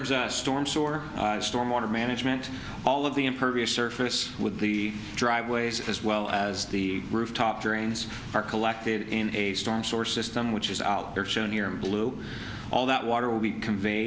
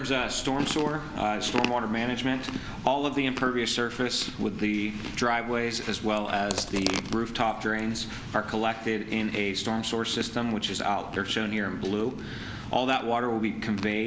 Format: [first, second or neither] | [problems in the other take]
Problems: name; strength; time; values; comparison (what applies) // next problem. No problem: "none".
first | background sound (Chewing, mastication); 12 dB below the speech